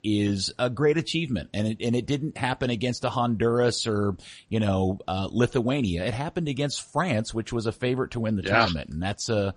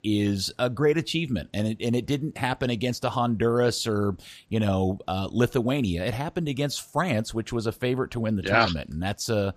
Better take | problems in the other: second | garbled, watery; slightly; nothing above 10.5 kHz

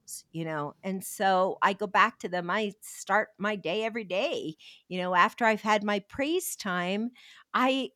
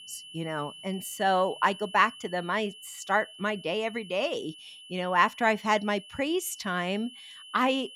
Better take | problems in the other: first | high-pitched whine; noticeable; throughout; 3 kHz, 15 dB below the speech

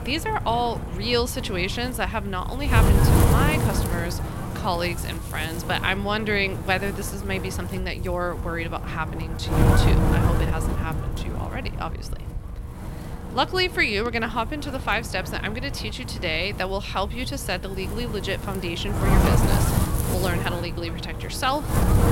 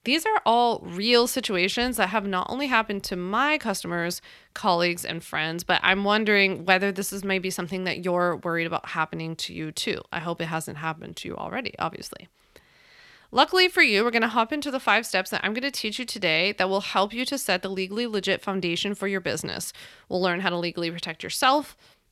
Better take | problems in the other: second | wind noise on the microphone; heavy; 5 dB below the speech

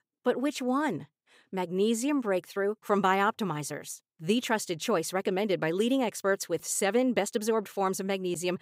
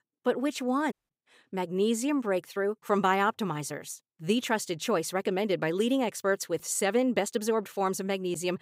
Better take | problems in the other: first | audio cutting out; at 1 s

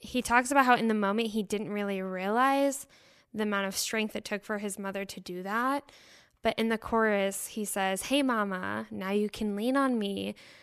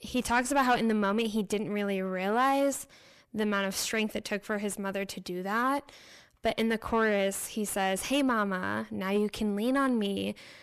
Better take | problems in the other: first | distortion; slight; 10 dB below the speech

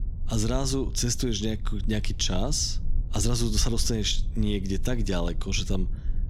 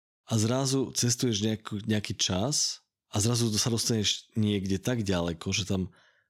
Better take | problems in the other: second | low rumble; faint; throughout; 20 dB below the speech

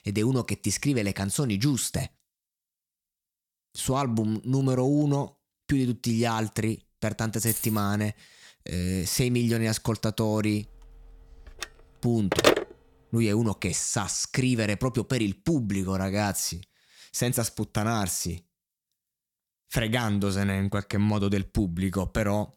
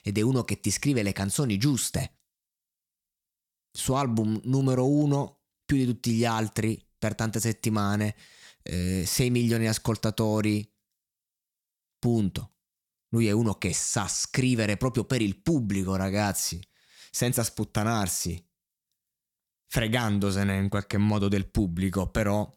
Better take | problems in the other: second | jangling keys; noticeable; at 7.5 s; peak 2 dB below the speech // phone ringing; loud; from 12 to 13 s; peak 5 dB above the speech

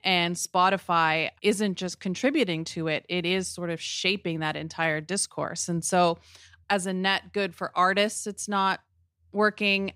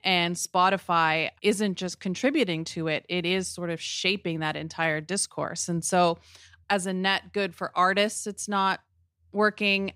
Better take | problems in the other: neither | none

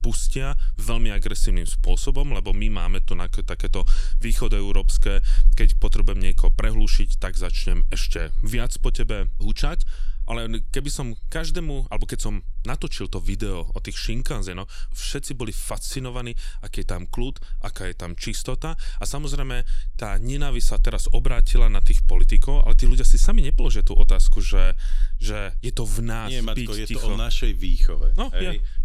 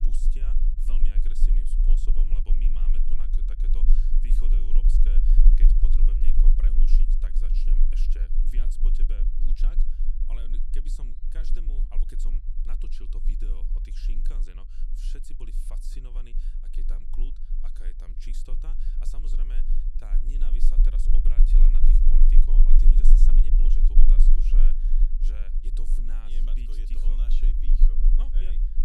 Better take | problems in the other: first | low rumble; loud; throughout; 1 dB below the speech; faint in the first

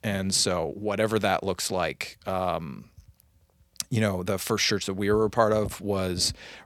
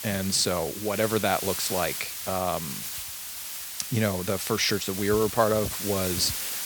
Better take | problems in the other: first | hiss; loud; throughout; 5 dB below the speech

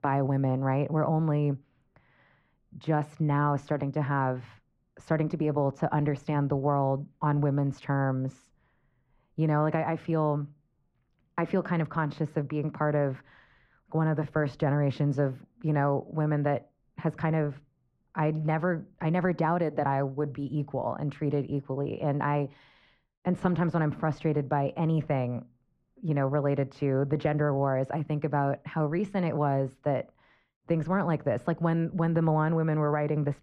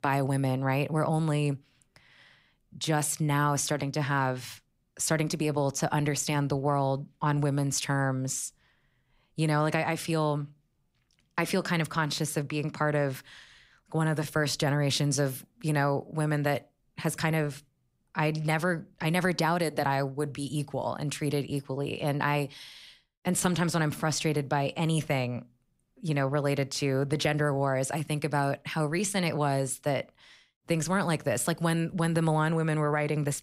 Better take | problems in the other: second | muffled; very; fading above 4 kHz

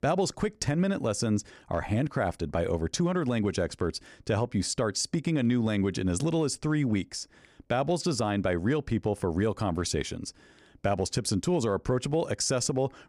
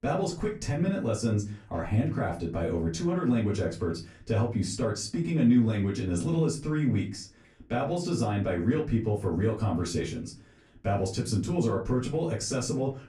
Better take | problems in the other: first | off-mic speech; far // room echo; slight; dies away in 0.3 s

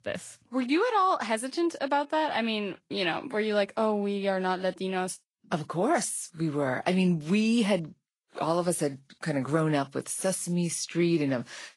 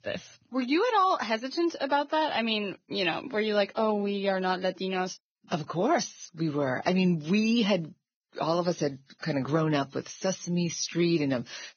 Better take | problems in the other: first | garbled, watery; badly; nothing above 6.5 kHz; slightly in the first

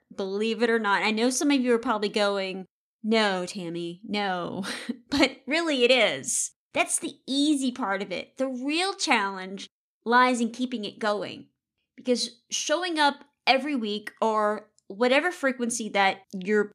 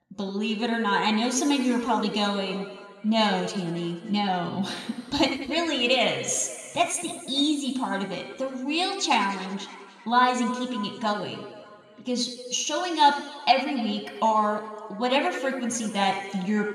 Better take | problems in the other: first | room echo; noticeable; dies away in 1.9 s // off-mic speech; somewhat distant

